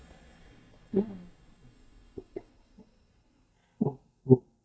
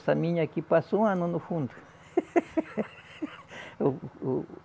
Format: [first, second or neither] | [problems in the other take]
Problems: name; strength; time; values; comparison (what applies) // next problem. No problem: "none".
second | noise reduction (neural mask model DeepFilterNet 3)